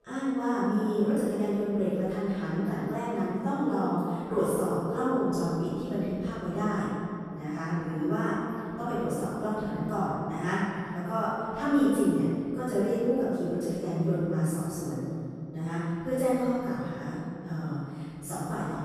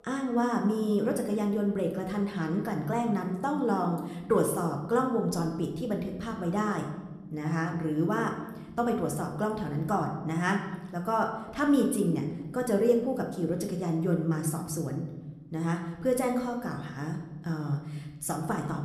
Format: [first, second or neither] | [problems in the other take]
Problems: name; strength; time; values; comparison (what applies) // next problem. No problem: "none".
second | room echo; strong; dies away in 2.5 s; slight in the second // off-mic speech; far